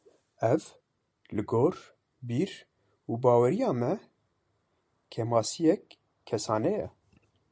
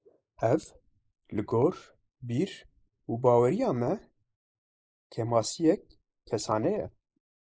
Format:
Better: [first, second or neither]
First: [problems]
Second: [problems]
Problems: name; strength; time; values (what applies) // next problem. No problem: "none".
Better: first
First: none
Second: noise reduction (neural mask model Resemble Enhance denoiser)